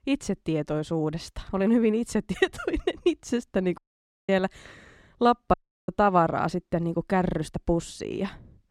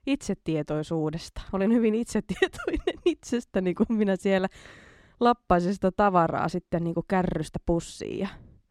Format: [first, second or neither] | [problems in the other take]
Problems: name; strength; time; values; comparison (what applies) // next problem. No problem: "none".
second | audio cutting out; at 4 s for 0.5 s and at 5.5 s